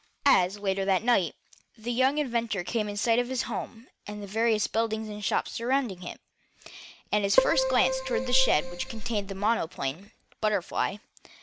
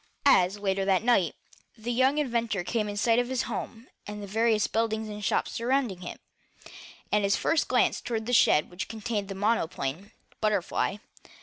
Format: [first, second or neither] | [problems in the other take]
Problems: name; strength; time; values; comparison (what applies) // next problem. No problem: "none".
second | background sound (Keyboard (musical)); 1 dB above the speech